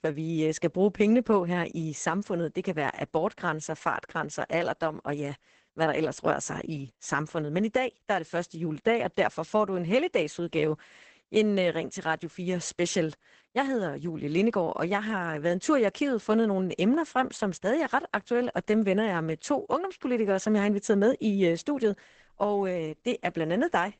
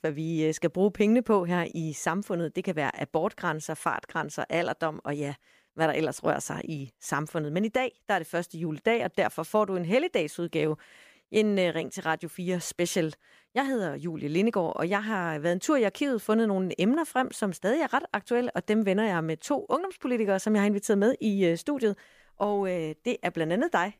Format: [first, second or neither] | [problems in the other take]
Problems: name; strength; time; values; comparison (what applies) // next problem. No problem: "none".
second | garbled, watery; badly; nothing above 8 kHz